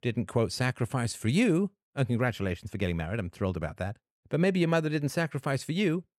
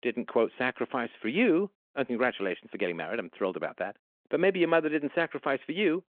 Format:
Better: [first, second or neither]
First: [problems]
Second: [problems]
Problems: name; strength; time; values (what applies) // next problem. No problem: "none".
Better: first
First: none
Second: phone-call audio